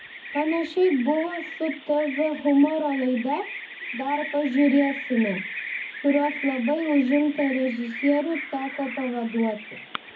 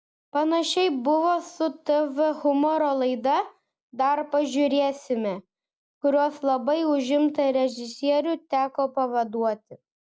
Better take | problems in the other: second | background sound (Bird vocalization, bird call, bird song); 11 dB below the speech // room echo; dies away in 0.4 s

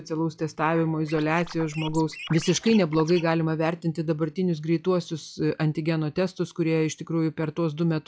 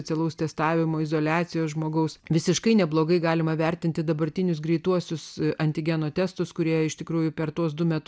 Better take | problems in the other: second | noise reduction (classical method log-MMSE)

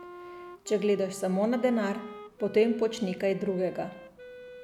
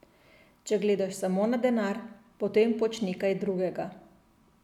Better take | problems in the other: second | background sound (Wind instrument, woodwind instrument); 16 dB below the speech

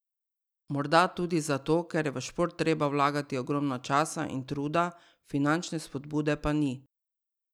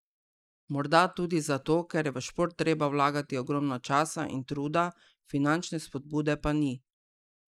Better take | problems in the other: first | noise reduction (neural mask model Resemble Enhance denoiser)

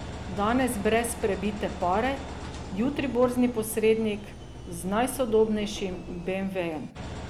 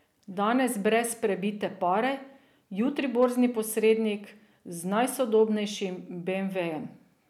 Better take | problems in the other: second | background sound (Engine); 11 dB below the speech

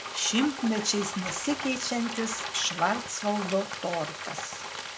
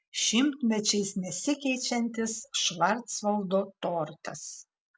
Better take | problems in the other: second | background sound (Frying (food)); 6 dB below the speech

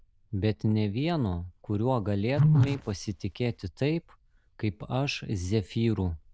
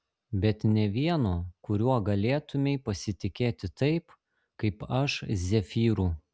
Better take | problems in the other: second | noise reduction (neural diffusion model UNIVERSE++)

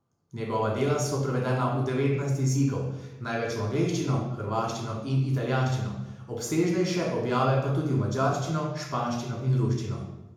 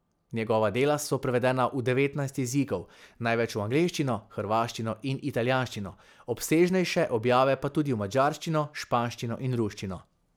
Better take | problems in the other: second | room echo; dies away in 0.9 s

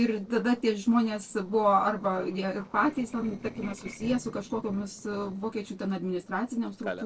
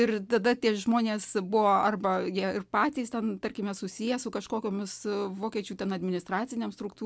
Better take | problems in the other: second | noise reduction (neural separator model SepFormer DNS4)

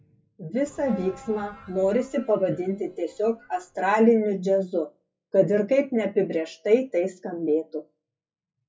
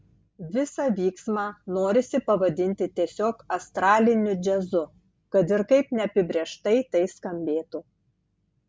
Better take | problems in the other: second | noise reduction (classical method WPE with log-MMSE)

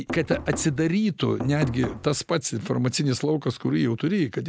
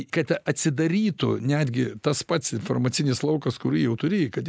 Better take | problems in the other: second | background sound (Knock); 9 dB below the speech

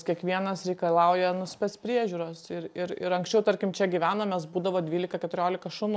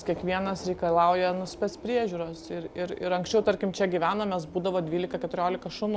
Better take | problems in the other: first | background sound (Subway, metro, underground); 17 dB below the speech

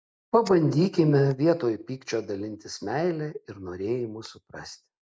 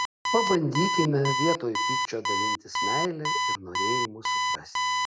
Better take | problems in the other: first | background sound (Alarm); 2 dB above the speech

